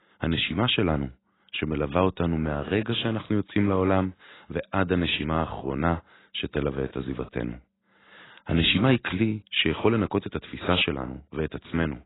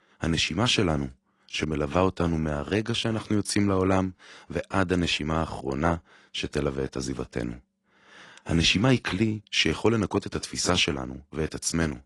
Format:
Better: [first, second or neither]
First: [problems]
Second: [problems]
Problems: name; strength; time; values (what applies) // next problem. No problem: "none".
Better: second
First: garbled, watery; badly; nothing above 4 kHz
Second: garbled, watery; slightly; nothing above 10.5 kHz